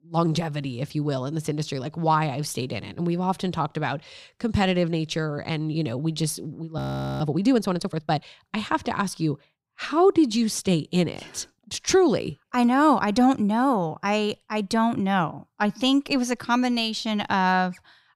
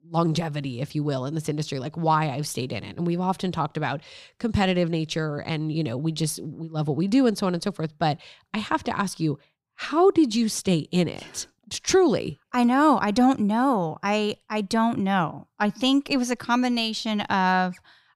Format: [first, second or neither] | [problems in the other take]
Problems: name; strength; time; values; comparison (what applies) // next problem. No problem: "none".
second | audio freezing; at 7 s